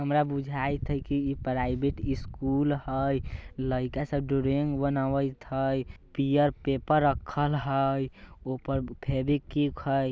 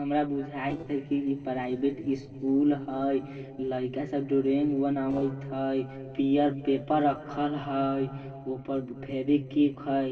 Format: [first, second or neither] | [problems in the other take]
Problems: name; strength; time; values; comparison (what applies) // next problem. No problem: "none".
first | noise reduction (neural separator model SepFormer DNS4)